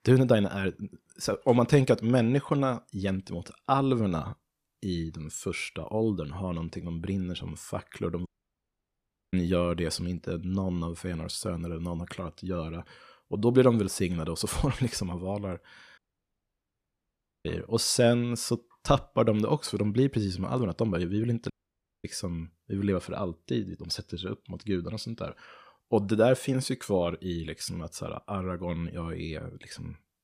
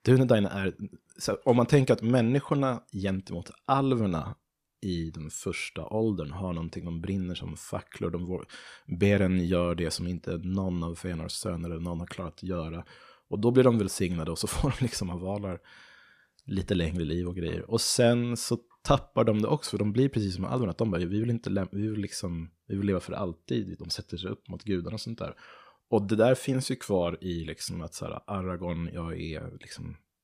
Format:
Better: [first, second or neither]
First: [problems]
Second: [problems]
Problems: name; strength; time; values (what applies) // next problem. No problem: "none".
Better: second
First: audio cutting out; at 8.5 s for 1 s, at 16 s for 1.5 s and at 22 s for 0.5 s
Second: none